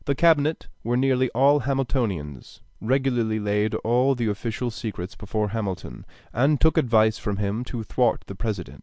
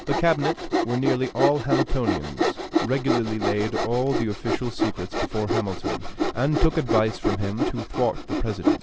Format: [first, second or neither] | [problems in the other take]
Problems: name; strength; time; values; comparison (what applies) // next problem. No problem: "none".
first | background sound (Sawing); 1 dB below the speech